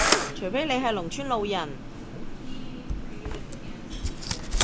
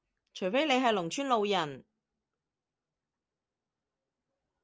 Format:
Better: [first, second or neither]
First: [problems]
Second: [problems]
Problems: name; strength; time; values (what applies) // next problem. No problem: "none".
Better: second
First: background sound (Camera); 3 dB above the speech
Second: none